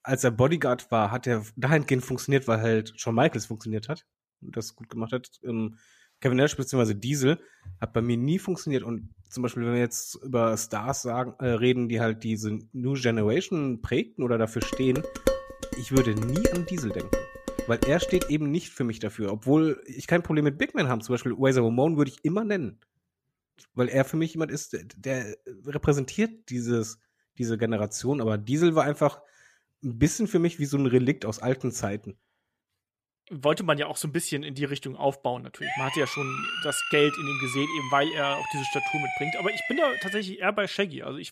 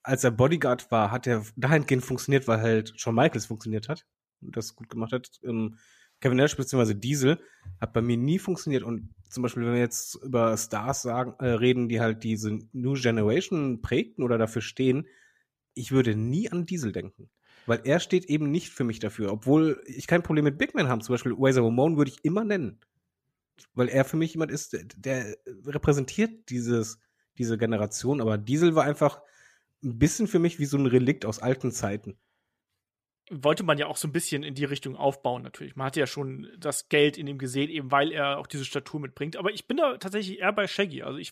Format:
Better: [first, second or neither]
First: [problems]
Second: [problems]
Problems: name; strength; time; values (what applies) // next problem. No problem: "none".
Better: second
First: clattering dishes; noticeable; from 15 to 18 s; peak 1 dB below the speech // siren; noticeable; from 36 to 40 s; peak 1 dB below the speech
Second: none